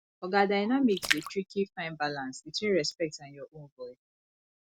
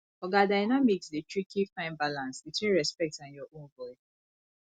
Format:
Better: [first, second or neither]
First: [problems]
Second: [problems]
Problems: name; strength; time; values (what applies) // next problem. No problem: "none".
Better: second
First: background sound (Splash, splatter); 7 dB below the speech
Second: none